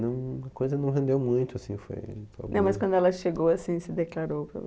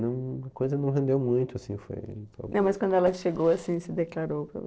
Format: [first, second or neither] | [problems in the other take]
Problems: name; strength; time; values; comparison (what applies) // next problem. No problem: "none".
first | noise reduction (neural separator model SepFormer DNS4)